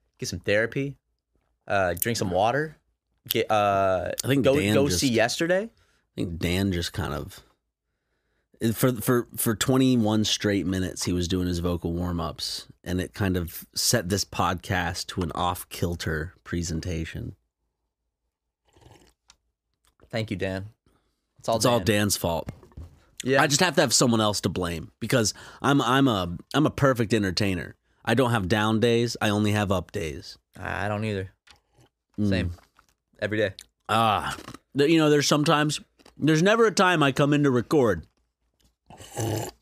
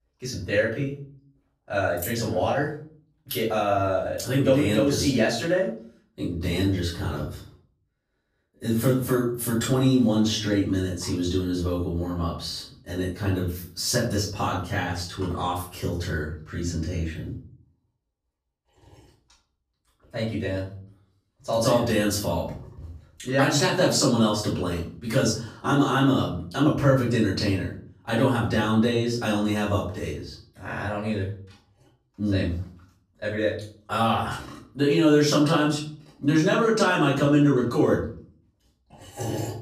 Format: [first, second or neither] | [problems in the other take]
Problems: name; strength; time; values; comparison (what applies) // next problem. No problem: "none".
first | room echo; noticeable; dies away in 0.4 s // off-mic speech; far